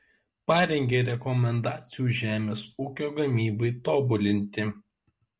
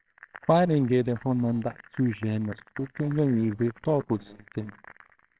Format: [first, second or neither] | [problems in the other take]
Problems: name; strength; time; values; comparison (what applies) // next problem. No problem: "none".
first | noise reduction (neural separator model SepFormer WHAMR!)